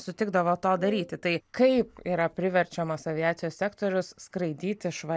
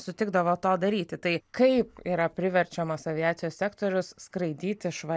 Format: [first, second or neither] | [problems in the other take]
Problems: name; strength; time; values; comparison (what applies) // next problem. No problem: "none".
second | background sound (Wind instrument, woodwind instrument); 14 dB below the speech